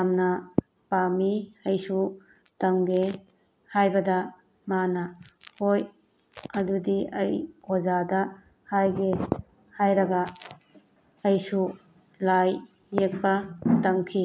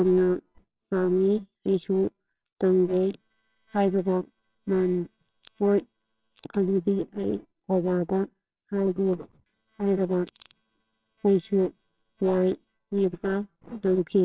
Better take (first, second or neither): first